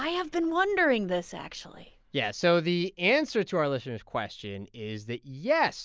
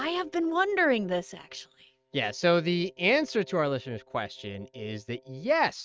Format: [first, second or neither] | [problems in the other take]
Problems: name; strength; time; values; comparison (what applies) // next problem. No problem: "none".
first | noise reduction (neural mask model RNNoise)